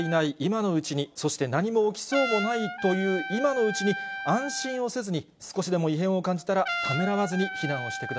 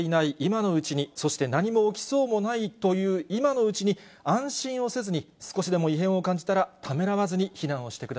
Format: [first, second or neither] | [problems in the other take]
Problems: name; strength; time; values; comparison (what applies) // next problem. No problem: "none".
second | background sound (Trumpet); 8 dB below the speech